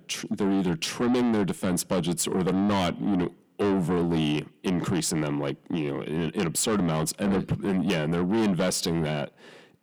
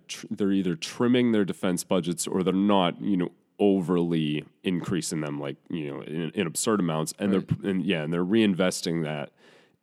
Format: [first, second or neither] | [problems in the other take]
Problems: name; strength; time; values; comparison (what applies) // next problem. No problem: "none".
second | distortion; heavy; 7 dB below the speech